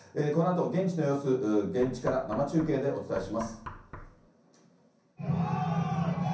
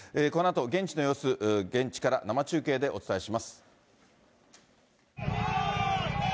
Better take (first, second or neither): second